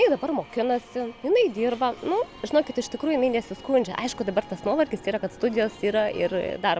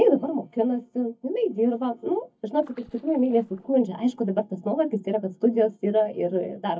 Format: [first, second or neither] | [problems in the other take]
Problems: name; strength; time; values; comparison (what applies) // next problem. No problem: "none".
first | noise reduction (neural mask model DeepFilterNet 3)